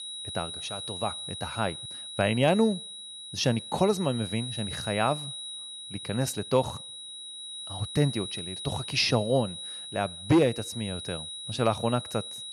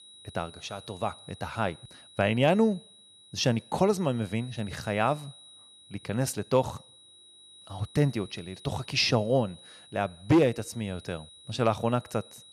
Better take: second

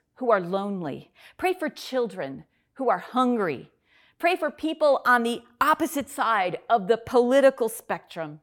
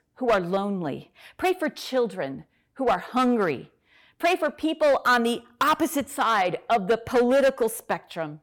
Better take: first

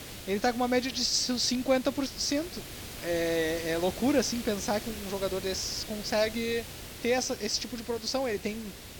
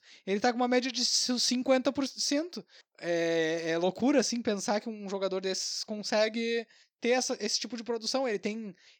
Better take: second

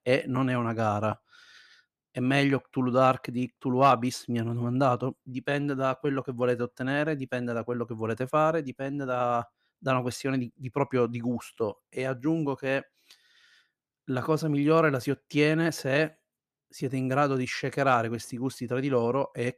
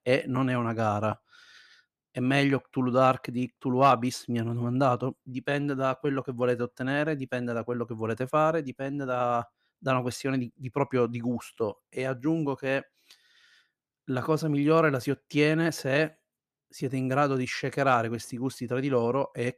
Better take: neither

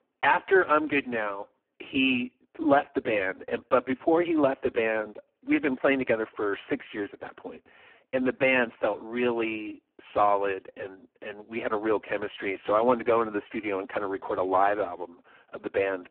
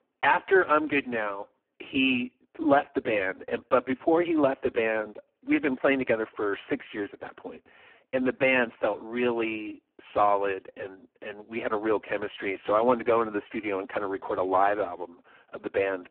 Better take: neither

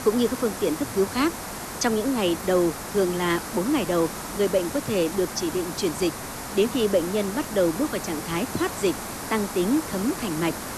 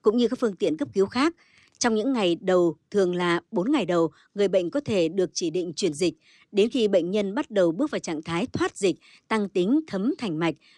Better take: second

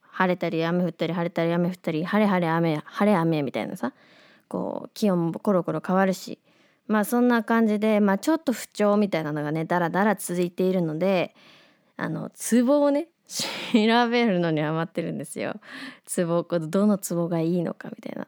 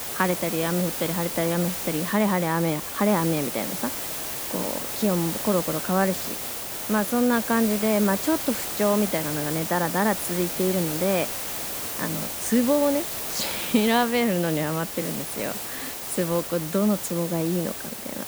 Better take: first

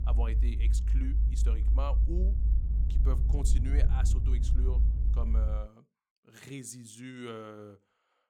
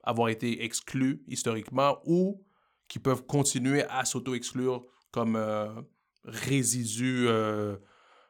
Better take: second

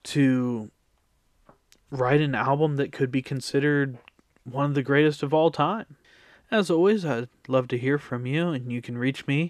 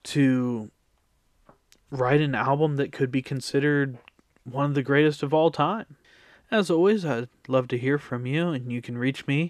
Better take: neither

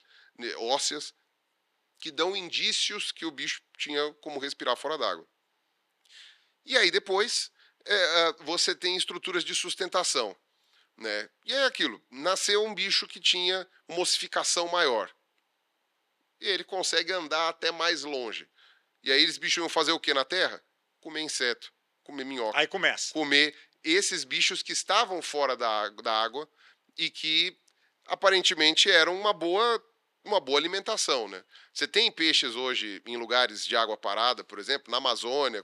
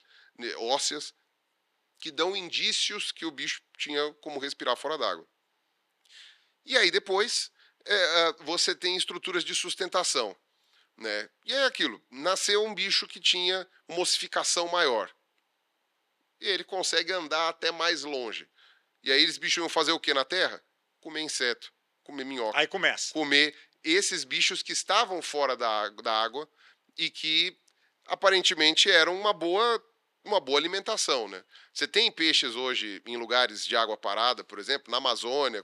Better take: neither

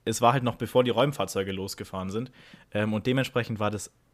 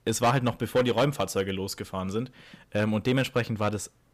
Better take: first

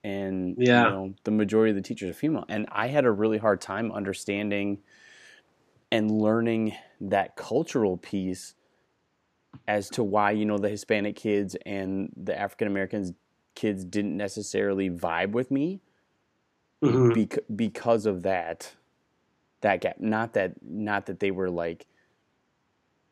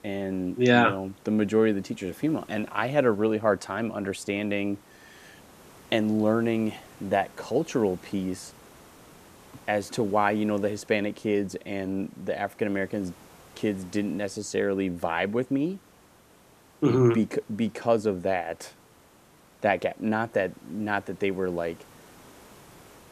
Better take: first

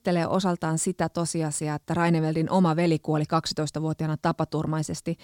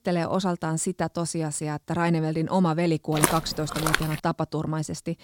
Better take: first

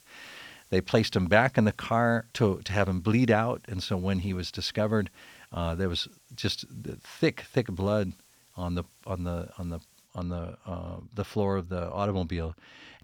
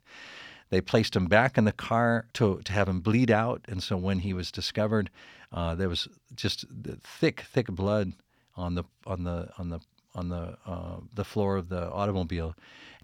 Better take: second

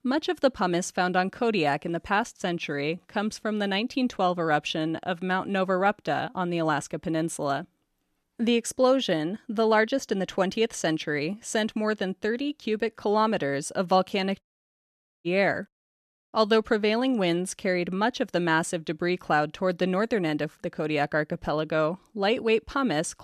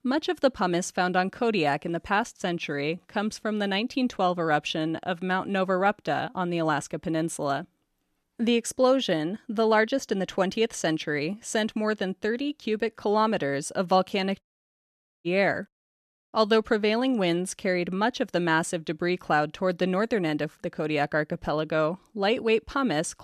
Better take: neither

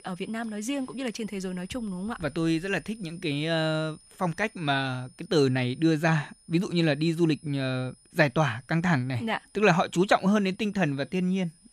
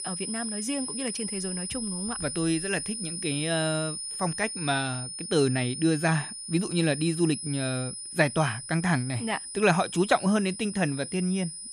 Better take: first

